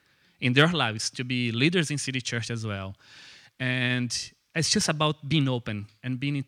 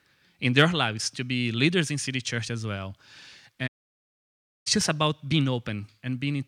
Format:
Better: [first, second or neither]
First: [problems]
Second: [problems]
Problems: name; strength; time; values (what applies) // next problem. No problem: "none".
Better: first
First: none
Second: audio cutting out; at 3.5 s for 1 s